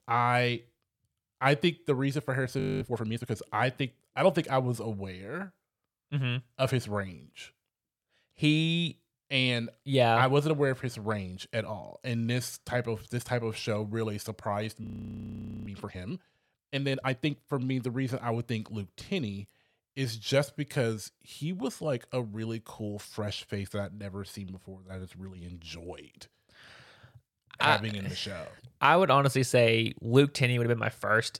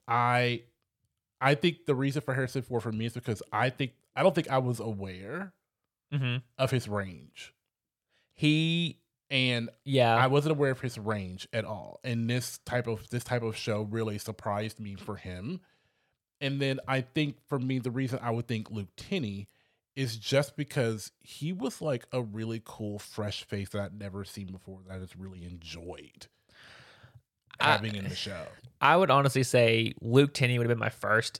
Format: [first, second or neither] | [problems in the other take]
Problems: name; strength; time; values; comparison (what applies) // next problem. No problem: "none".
second | audio freezing; at 2.5 s and at 15 s for 1 s